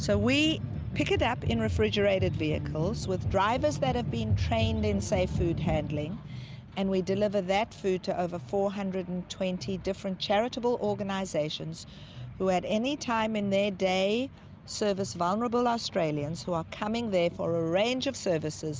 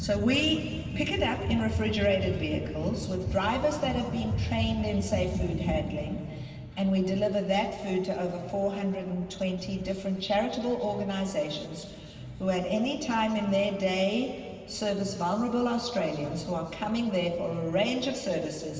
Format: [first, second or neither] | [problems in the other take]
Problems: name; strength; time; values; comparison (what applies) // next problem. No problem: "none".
first | room echo; dies away in 2.4 s